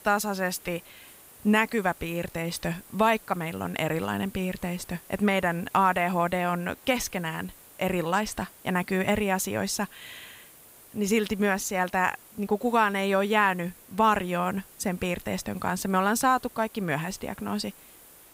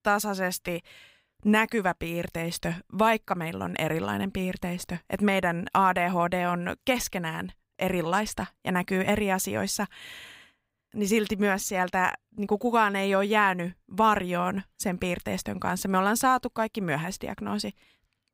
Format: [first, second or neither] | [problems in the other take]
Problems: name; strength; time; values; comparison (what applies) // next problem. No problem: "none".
second | hiss; faint; throughout; 20 dB below the speech